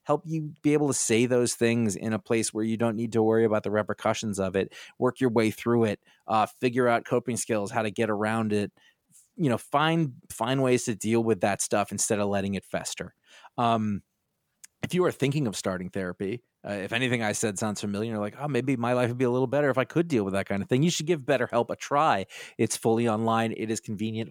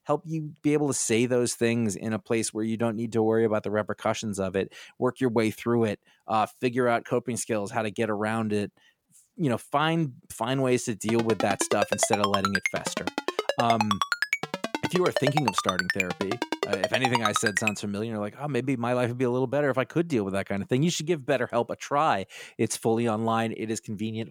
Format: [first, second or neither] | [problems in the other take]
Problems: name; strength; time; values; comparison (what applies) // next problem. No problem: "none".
first | phone ringing; loud; from 11 to 18 s; peak 1 dB above the speech